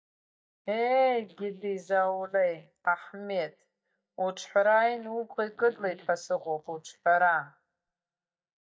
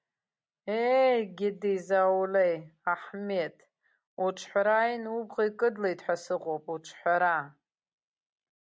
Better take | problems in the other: second | noise reduction (neural mask model DeepFilterNet 3)

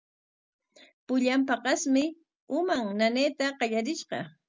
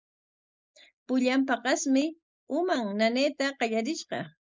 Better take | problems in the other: first | noise reduction (neural mask model Resemble Enhance denoiser)

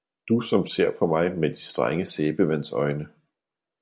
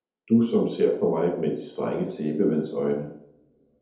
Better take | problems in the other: first | room echo; dies away in 2.1 s

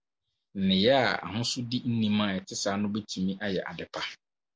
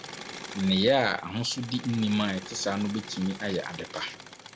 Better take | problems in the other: first | background sound (Engine / Mechanisms); 14 dB below the speech

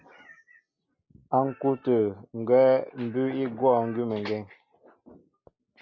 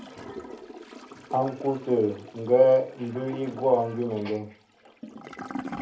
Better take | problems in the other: first | background sound (Toilet flush / Gurgling); 15 dB below the speech // room echo; dies away in 0.3 s

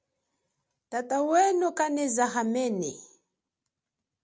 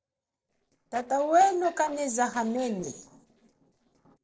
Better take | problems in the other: first | noise reduction (neural separator model SepFormer DNS4)

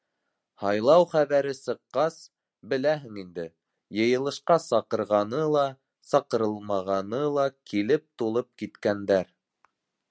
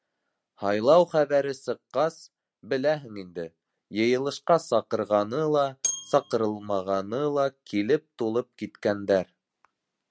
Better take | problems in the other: first | background sound (Bell); 9 dB below the speech

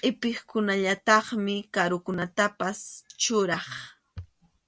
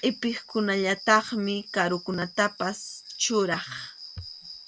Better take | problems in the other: first | background sound (Cricket); 16 dB below the speech

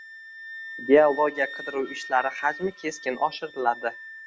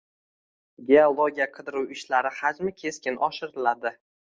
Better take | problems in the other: second | background sound (Wind instrument, woodwind instrument); 14 dB below the speech

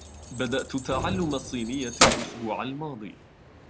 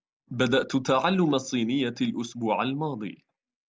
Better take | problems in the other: second | background sound (Keys jangling); 1 dB above the speech

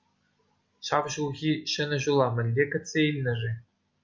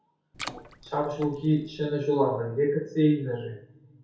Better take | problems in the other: first | background sound (Water / Splash, splatter); 16 dB below the speech // room echo; dies away in 0.6 s

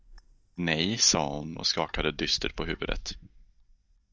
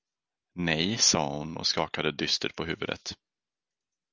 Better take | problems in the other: second | noise reduction (neural mask model DeepFilterNet 3)

